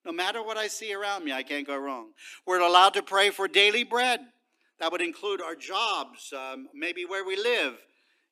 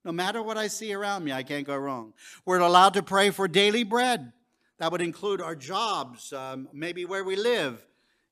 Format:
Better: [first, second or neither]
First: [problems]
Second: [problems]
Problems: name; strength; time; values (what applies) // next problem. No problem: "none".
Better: second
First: thin; very slightly; fading below 300 Hz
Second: none